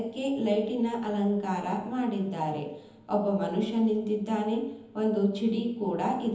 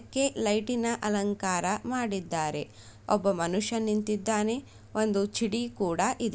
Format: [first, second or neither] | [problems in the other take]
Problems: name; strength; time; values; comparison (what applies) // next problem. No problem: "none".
second | room echo; dies away in 1.3 s